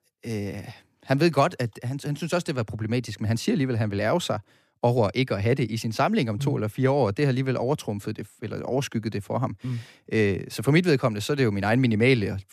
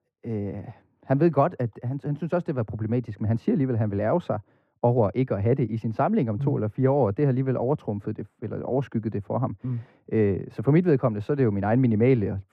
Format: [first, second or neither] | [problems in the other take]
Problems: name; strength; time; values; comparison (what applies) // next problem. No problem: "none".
first | muffled; very; fading above 2.5 kHz